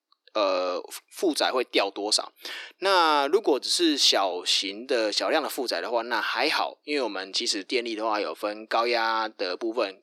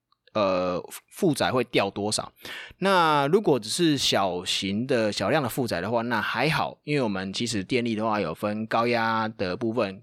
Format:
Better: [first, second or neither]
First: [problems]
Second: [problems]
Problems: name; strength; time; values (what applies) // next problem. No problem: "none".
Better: second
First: thin; somewhat; fading below 300 Hz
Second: none